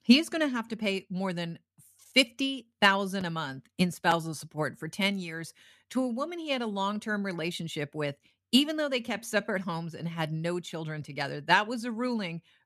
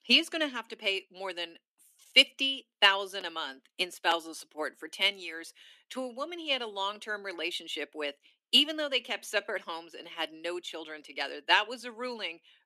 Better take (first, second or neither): first